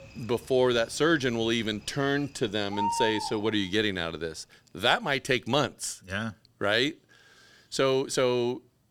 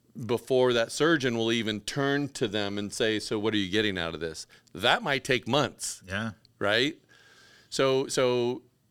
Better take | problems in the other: second | animal sounds; loud; throughout; 10 dB below the speech

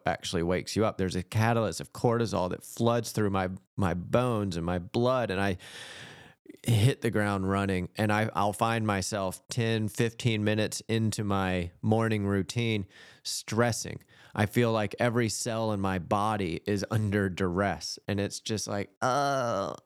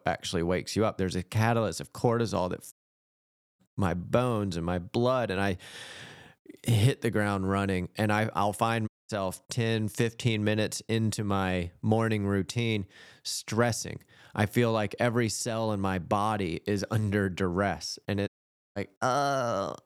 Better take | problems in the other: first | audio cutting out; at 2.5 s for 1 s, at 9 s and at 18 s

